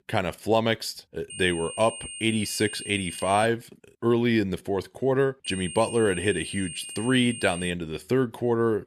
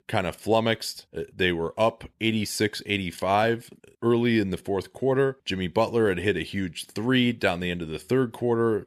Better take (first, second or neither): second